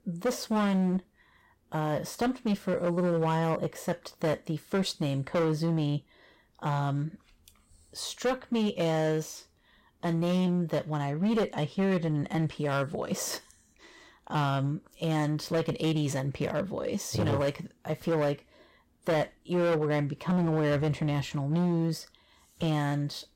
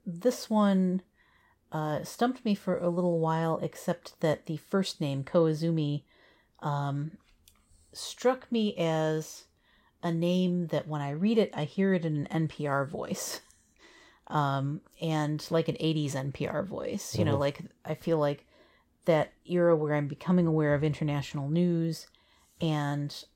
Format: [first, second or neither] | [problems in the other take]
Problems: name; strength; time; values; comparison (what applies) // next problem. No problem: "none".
second | distortion; slight; 11% of the sound clipped